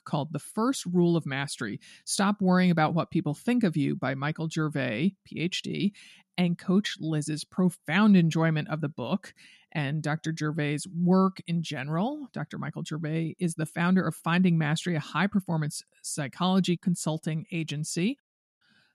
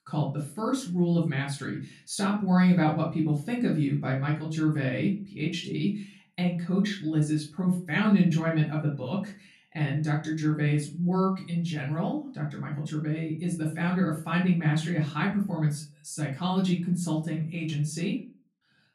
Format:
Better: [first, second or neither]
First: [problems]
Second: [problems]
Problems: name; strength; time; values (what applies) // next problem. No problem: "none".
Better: first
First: none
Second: room echo; slight; dies away in 0.3 s // off-mic speech; far